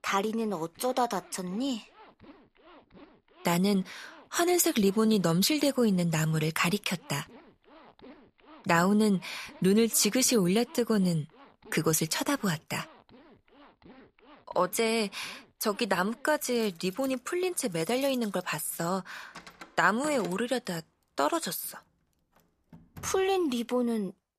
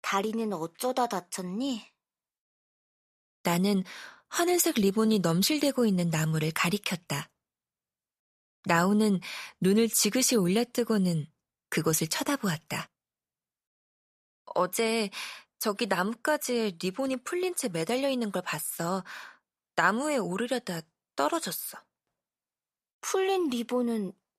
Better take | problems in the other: second | household noises; faint; throughout; 25 dB below the speech

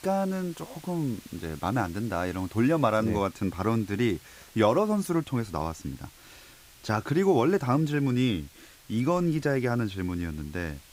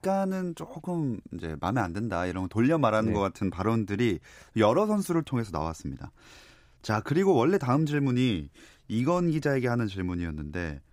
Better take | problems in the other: second | hiss; faint; throughout; 25 dB below the speech

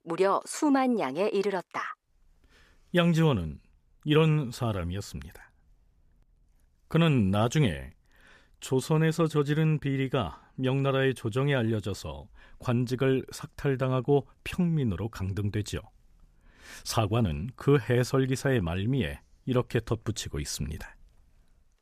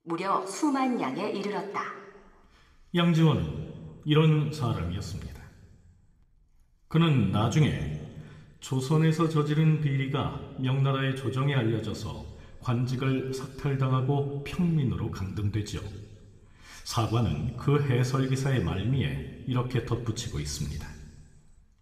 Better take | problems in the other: first | room echo; slight; dies away in 1.3 s

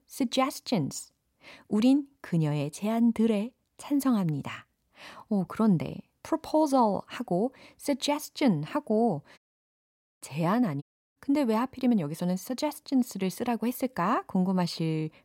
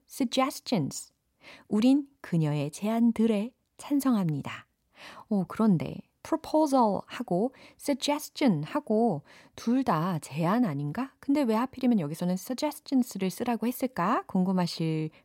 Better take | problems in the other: second | audio cutting out; at 9.5 s for 1 s and at 11 s

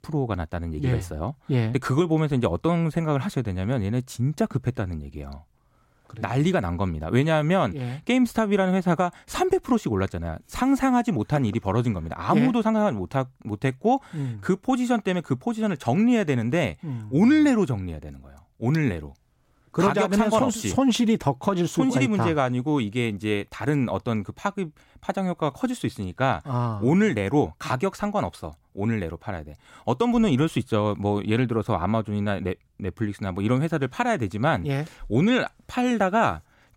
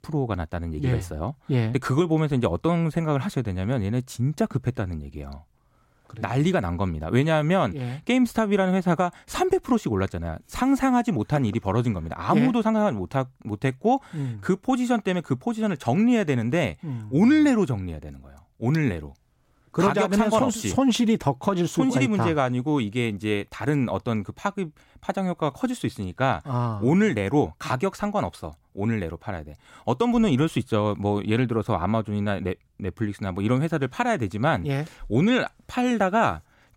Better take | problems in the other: neither | none

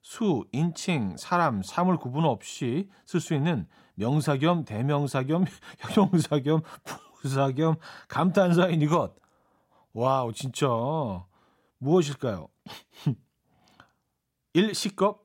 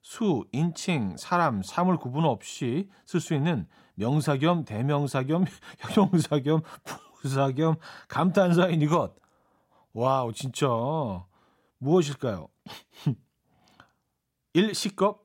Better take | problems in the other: neither | none

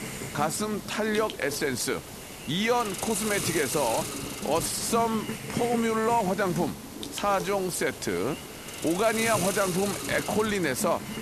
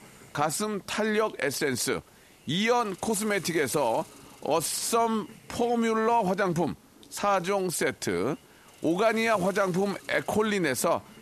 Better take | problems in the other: second | hiss; loud; throughout; 7 dB below the speech; faint in the second

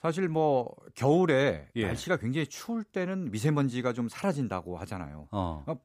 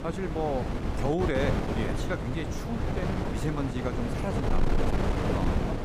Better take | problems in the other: first | wind noise on the microphone; heavy; as loud as the speech

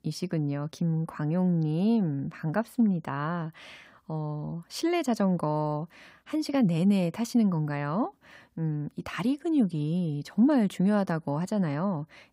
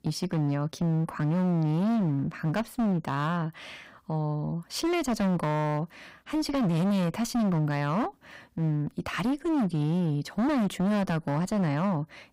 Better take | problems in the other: first | distortion; heavy; 27% of the sound clipped

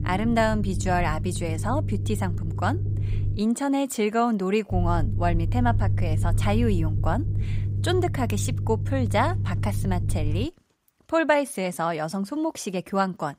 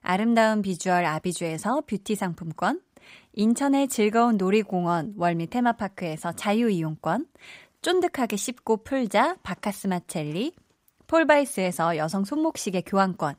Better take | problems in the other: second | low rumble; noticeable; until 3.5 s and from 4.5 to 10 s; 15 dB below the speech

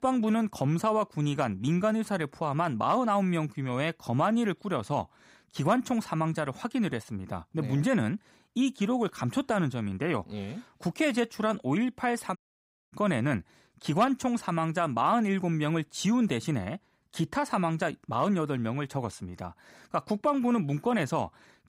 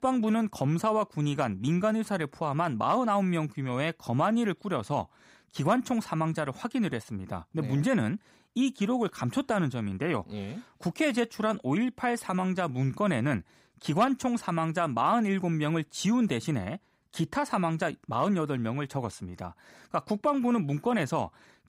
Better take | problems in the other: second | audio cutting out; at 12 s for 0.5 s

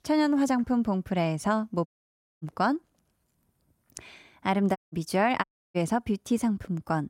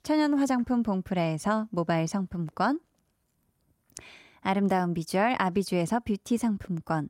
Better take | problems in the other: second | audio cutting out; at 2 s for 0.5 s, at 5 s and at 5.5 s

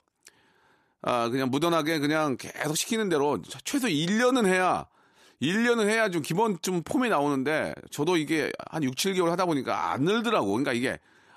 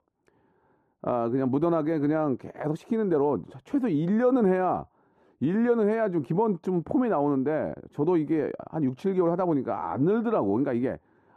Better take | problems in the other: first | muffled; very; fading above 2 kHz

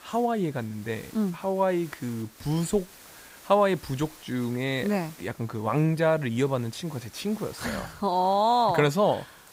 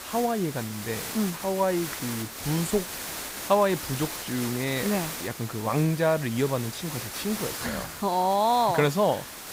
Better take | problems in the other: first | hiss; loud; throughout; 8 dB below the speech; faint in the first

